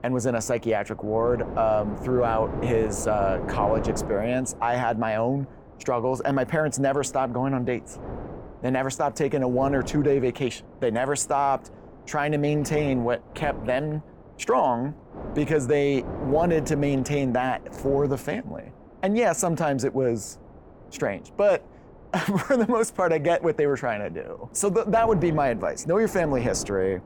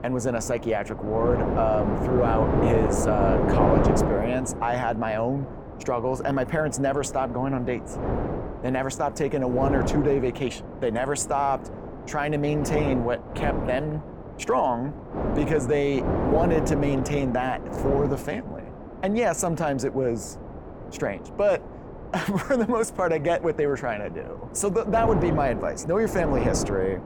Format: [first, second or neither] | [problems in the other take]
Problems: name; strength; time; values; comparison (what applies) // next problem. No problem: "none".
first | wind noise on the microphone; heavy; 5 dB below the speech; occasional gusts in the first